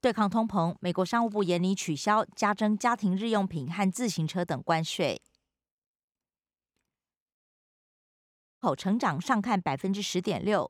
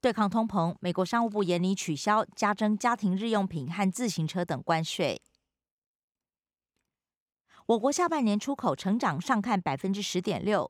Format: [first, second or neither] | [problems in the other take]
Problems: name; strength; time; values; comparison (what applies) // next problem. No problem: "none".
second | audio cutting out; at 7.5 s for 1 s